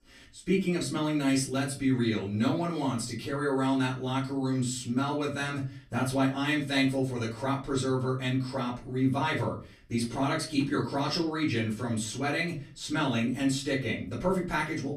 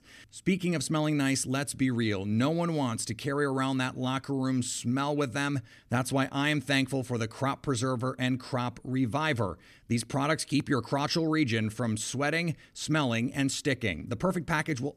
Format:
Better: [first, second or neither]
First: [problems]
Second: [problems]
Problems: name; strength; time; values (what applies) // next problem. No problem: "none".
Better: second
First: room echo; slight; dies away in 0.3 s // off-mic speech; far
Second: none